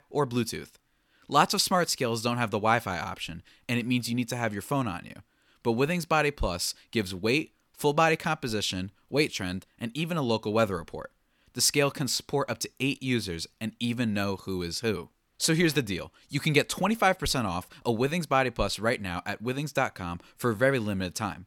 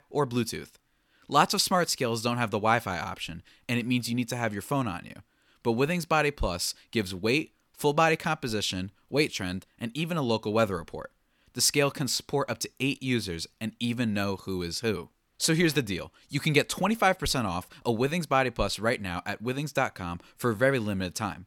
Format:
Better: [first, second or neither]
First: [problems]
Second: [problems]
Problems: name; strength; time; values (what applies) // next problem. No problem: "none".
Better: neither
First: none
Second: none